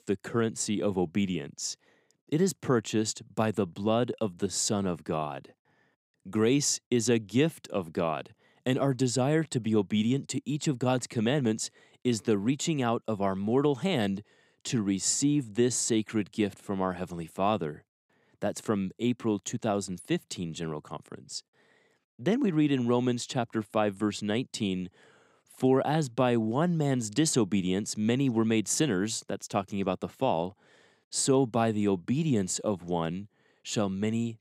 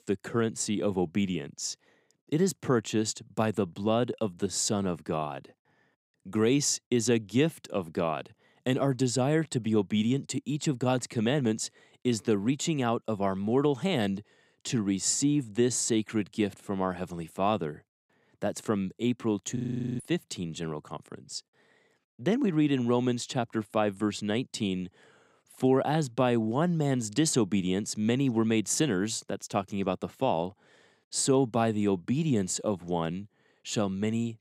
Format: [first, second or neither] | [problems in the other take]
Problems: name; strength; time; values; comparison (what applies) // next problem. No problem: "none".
first | audio freezing; at 20 s